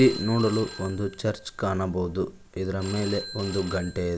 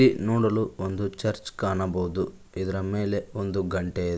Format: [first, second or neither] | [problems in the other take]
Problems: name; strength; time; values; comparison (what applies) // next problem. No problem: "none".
second | background sound (Telephone); 15 dB below the speech